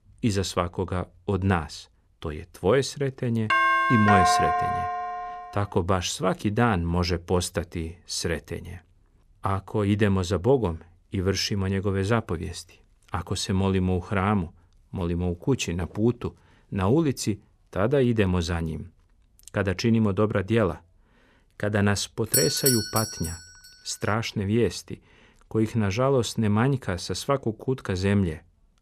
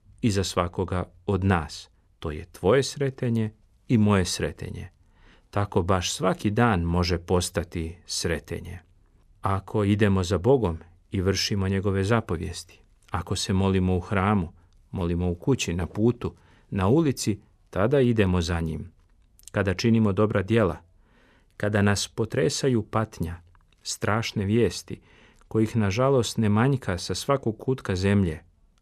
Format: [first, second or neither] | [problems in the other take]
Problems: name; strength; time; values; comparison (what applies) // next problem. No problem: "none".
second | doorbell; loud; from 3.5 to 5.5 s and at 22 s; peak 6 dB above the speech